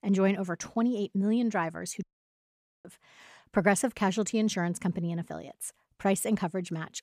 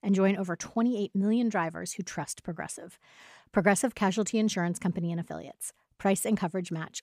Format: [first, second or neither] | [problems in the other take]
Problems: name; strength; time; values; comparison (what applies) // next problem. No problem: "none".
second | audio cutting out; at 2 s for 1 s